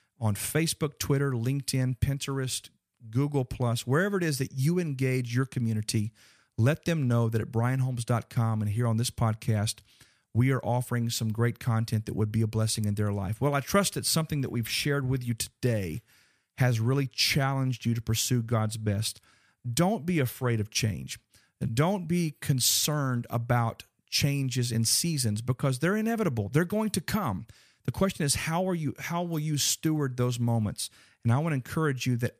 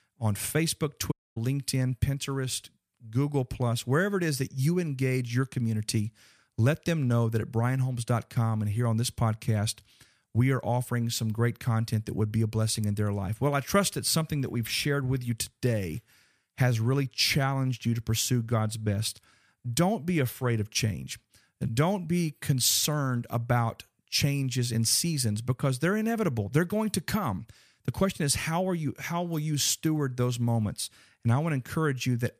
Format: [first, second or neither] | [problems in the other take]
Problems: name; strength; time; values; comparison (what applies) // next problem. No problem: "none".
first | audio cutting out; at 1 s